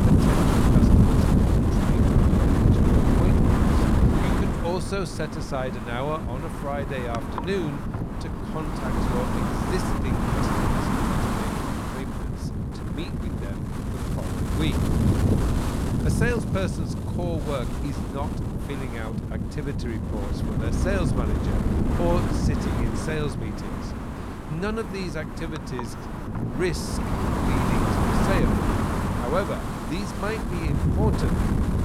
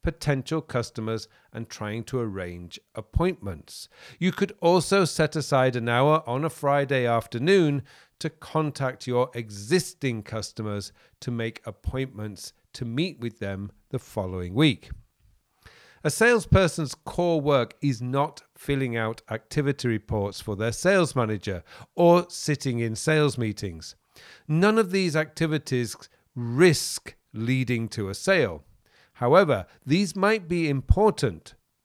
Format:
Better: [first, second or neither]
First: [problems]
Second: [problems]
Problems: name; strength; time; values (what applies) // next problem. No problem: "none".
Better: second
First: wind noise on the microphone; heavy; 3 dB above the speech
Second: none